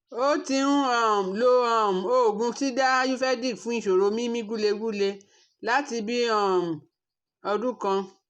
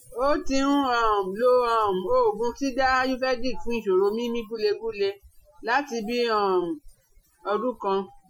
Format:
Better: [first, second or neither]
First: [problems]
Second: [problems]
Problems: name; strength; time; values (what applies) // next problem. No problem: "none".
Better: first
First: none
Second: noise reduction (classical method Wiener filter)